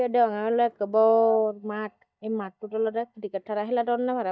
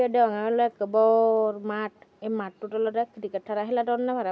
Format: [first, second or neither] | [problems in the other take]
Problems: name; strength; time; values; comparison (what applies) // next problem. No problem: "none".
second | noise reduction (neural mask model DeepFilterNet 3)